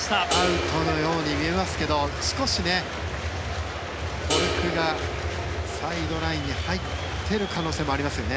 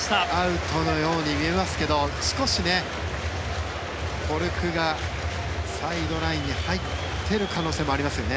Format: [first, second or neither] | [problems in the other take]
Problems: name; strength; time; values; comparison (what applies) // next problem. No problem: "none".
second | background sound (Crash cymbal); 5 dB below the speech